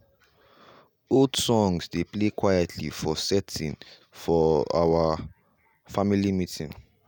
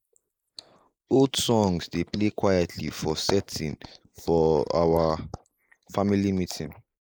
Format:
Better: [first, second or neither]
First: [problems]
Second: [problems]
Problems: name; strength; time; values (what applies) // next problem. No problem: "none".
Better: first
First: none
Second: noise reduction (neural mask model Resemble Enhance denoiser)